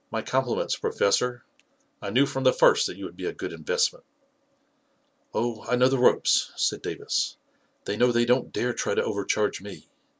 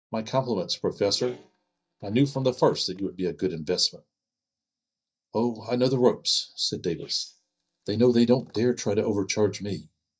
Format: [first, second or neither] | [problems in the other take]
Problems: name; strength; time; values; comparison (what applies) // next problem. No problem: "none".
first | noise reduction (neural mask model DeepFilterNet 3)